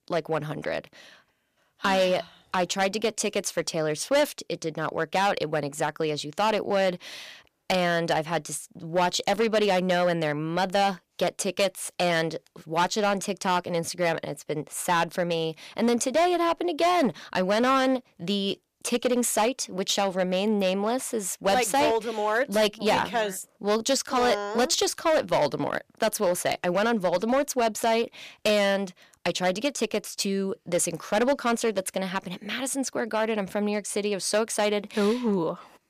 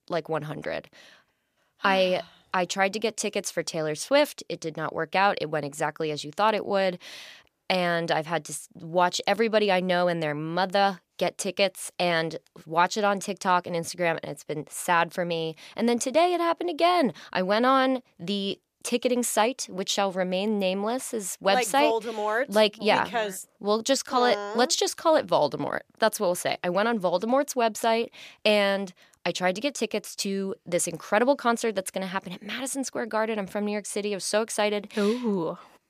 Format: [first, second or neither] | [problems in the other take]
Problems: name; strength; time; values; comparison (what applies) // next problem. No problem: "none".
second | distortion; slight; 6% of the sound clipped